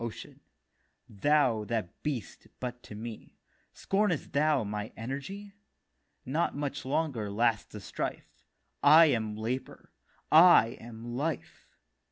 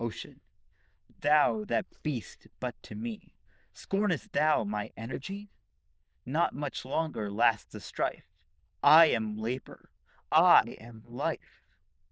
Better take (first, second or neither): first